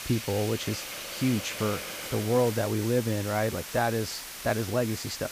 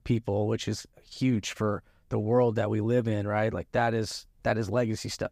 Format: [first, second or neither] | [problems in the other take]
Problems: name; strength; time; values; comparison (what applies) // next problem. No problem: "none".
second | hiss; loud; throughout; 7 dB below the speech